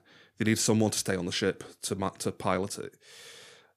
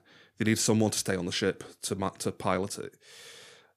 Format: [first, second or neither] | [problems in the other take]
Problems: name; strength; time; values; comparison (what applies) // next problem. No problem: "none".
neither | none